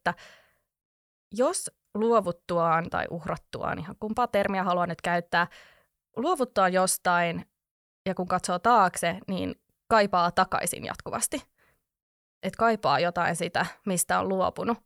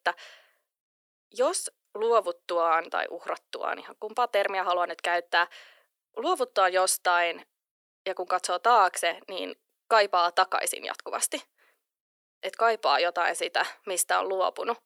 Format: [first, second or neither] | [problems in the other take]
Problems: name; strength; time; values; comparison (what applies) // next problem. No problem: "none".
first | thin; very; fading below 300 Hz